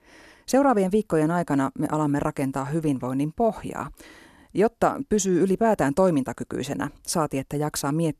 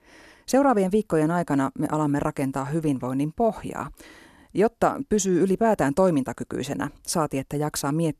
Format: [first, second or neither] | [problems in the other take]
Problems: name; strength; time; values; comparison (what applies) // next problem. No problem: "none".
neither | none